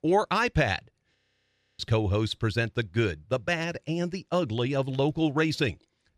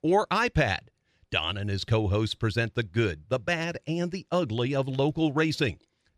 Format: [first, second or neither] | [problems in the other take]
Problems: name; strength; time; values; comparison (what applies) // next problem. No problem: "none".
second | audio freezing; at 1 s for 0.5 s